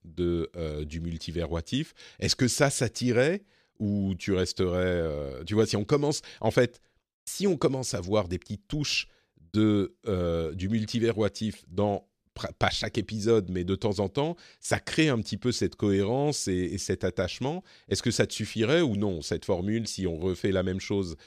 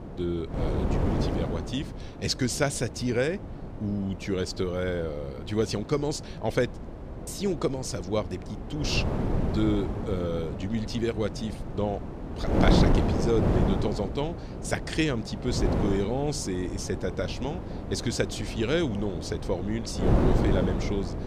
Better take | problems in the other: first | wind noise on the microphone; heavy; 4 dB below the speech

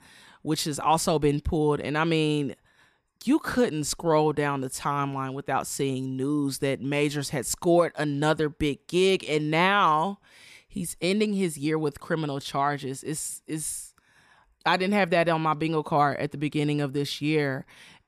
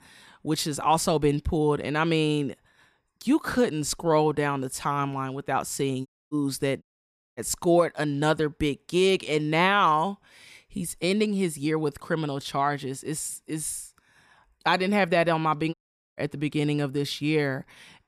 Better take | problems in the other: first | audio cutting out; at 6 s, at 7 s for 0.5 s and at 16 s

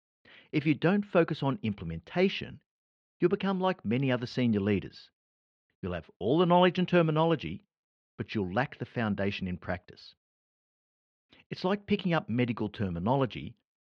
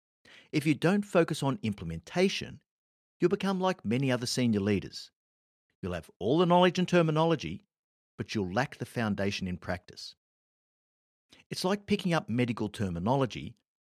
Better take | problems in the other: second | muffled; slightly; fading above 3.5 kHz

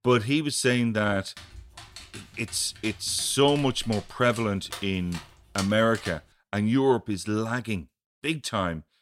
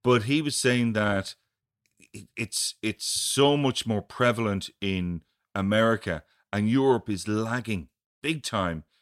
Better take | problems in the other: second | dog barking; noticeable; from 1.5 to 6 s; peak 9 dB below the speech

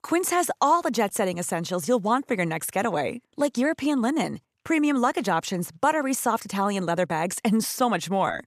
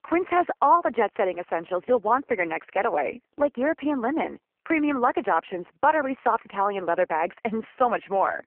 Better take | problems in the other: first | phone-call audio; poor line

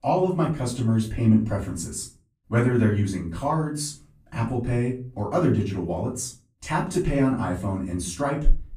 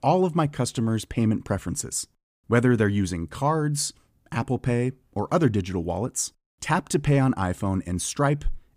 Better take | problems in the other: second | room echo; slight; dies away in 0.4 s // off-mic speech; far

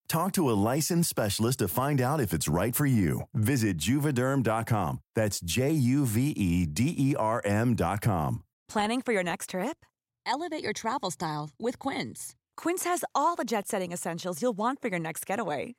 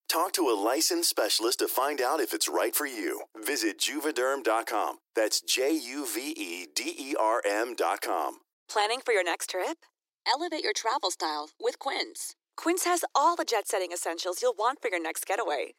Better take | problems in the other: first | thin; very; fading below 300 Hz

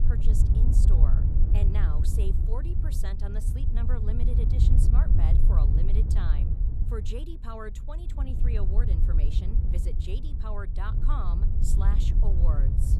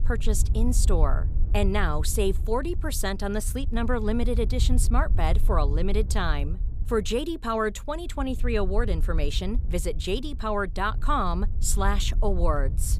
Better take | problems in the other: second | wind noise on the microphone; heavy; 1 dB below the speech; occasional gusts in the second

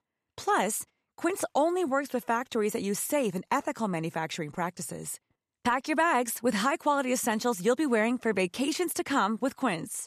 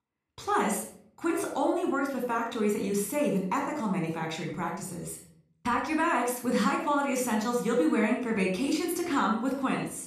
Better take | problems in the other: first | off-mic speech; somewhat distant // room echo; noticeable; dies away in 0.5 s

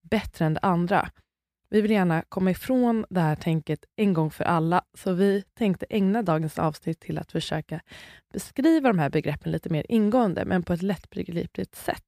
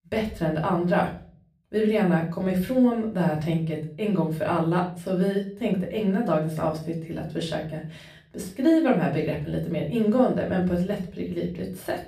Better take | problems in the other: first | off-mic speech; far // room echo; slight; dies away in 0.4 s

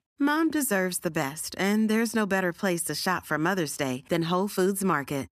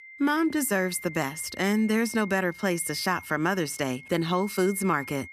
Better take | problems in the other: first | high-pitched whine; noticeable; throughout; 2 kHz, 15 dB below the speech

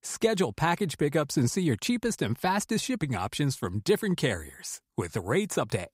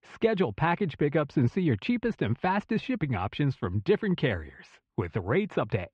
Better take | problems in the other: first | muffled; very; fading above 3 kHz

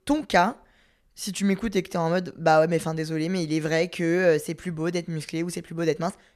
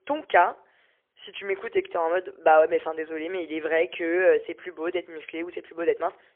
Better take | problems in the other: first | phone-call audio; poor line; nothing above 3.5 kHz

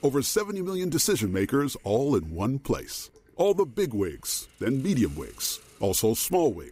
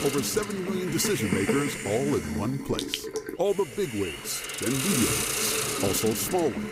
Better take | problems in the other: first | hiss; loud; throughout; 1 dB below the speech; faint in the first

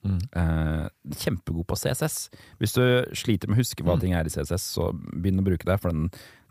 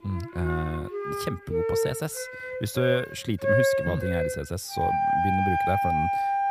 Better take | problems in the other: first | background music; very loud; throughout; 3 dB above the speech

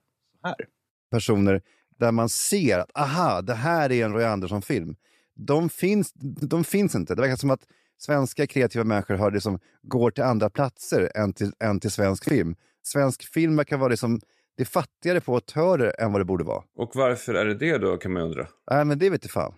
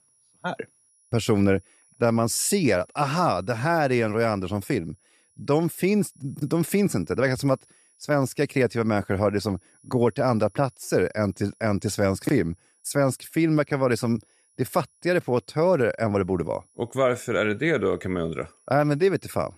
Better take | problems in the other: first | high-pitched whine; faint; throughout; 10.5 kHz, 35 dB below the speech

